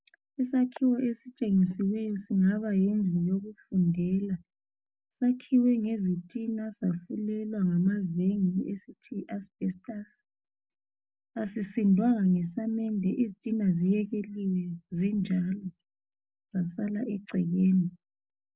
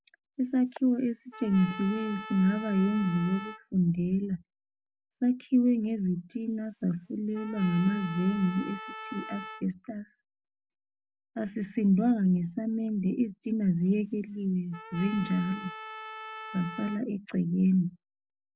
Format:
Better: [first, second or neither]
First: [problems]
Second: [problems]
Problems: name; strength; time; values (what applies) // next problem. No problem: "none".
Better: first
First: none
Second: background sound (Trumpet); 14 dB below the speech